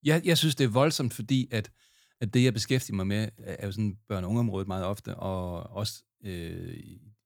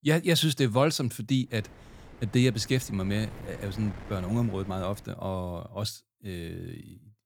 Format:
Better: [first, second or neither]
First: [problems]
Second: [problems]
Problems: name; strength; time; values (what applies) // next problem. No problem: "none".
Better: first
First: none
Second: wind noise on the microphone; occasional gusts; from 1.5 to 5 s; 20 dB below the speech